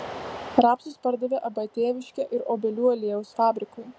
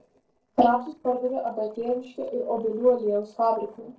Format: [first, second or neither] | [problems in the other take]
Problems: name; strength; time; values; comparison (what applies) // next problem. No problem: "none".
first | noise reduction (neural separator model SepFormer DNS4)